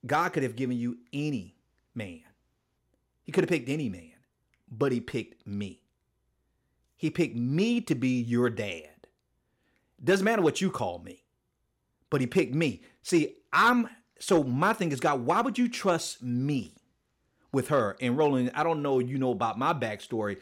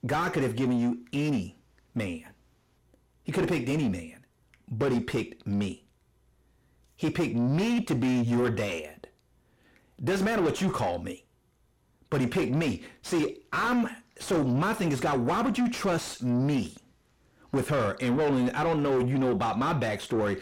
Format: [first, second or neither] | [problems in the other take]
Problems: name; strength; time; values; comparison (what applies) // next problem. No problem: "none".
first | distortion; heavy; 6 dB below the speech